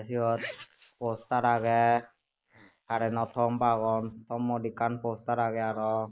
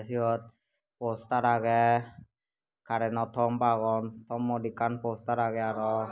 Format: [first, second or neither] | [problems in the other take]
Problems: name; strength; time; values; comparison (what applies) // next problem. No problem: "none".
second | noise reduction (neural mask model Resemble Enhance denoiser)